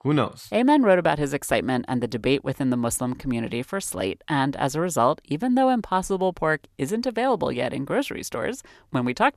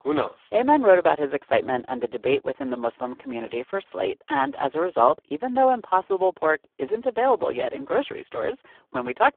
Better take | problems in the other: first | phone-call audio; poor line

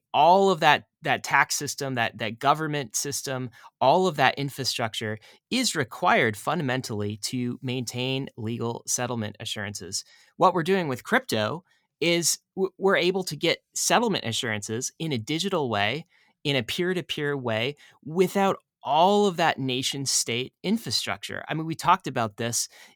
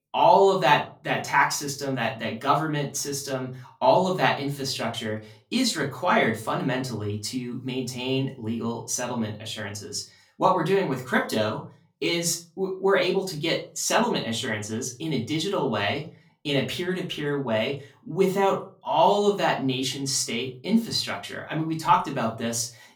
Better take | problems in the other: first | off-mic speech; far // room echo; very slight; dies away in 0.3 s

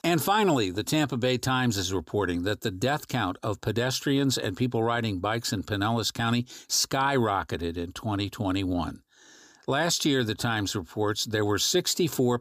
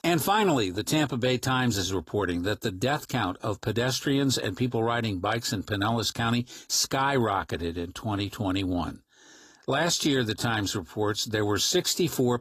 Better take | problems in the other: first | garbled, watery; slightly; nothing above 14.5 kHz

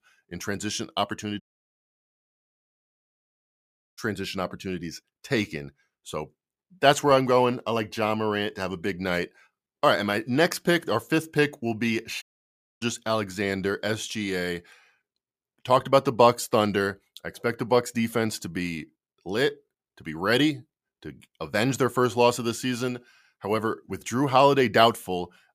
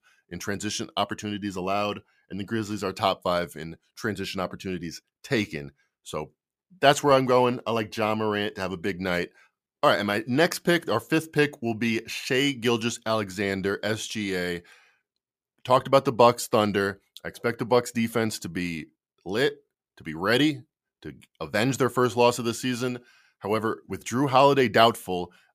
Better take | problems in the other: second | audio cutting out; at 1.5 s for 2.5 s and at 12 s for 0.5 s

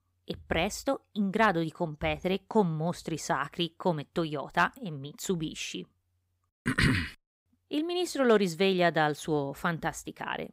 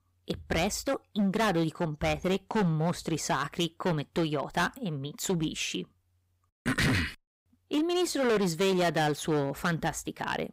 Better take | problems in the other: first | distortion; heavy; 11% of the sound clipped

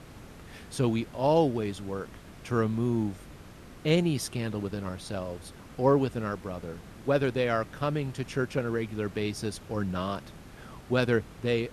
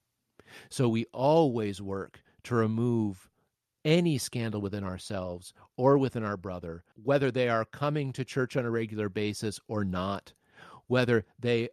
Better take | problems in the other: second | hiss; noticeable; throughout; 20 dB below the speech

